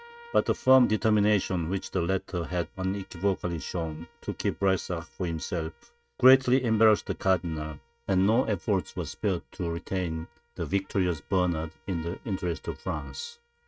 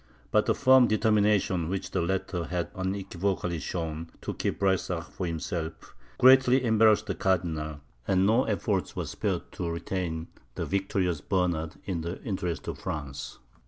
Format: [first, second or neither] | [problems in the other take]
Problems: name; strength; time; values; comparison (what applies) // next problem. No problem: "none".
second | noise reduction (neural mask model RNNoise)